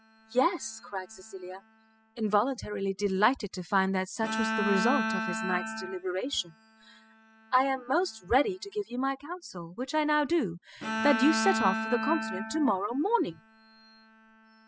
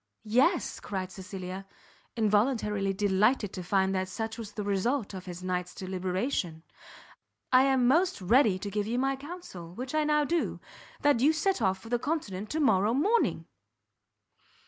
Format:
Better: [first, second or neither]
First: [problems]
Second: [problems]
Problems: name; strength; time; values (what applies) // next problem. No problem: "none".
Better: second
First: noise reduction (classical method spectral subtraction)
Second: none